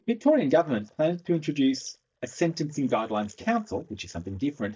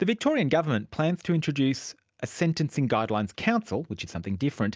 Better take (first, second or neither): second